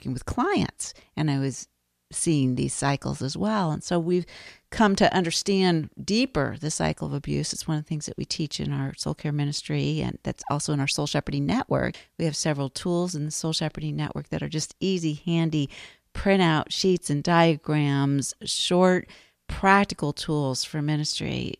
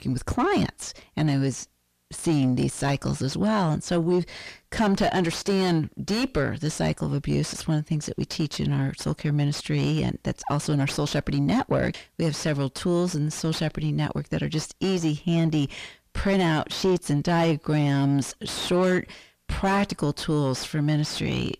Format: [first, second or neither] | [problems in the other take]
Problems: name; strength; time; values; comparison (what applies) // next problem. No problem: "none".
first | distortion; heavy; 7 dB below the speech